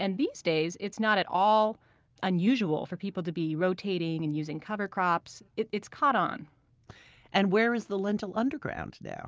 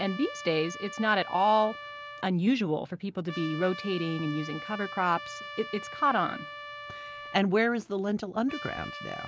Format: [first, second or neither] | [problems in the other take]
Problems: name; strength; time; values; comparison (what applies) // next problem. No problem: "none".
first | background sound (Trumpet); 13 dB below the speech